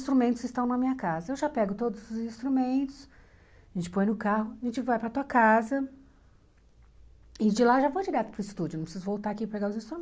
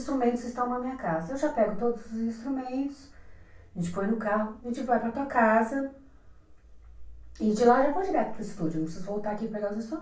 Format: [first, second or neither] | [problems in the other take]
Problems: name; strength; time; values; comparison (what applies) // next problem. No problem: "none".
first | room echo; dies away in 0.3 s